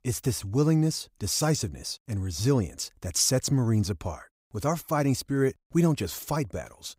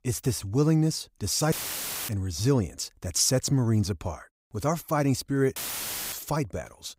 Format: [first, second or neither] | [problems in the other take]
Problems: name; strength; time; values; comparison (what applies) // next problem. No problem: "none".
first | audio cutting out; filled with static; at 1.5 s for 0.5 s and at 5.5 s for 0.5 s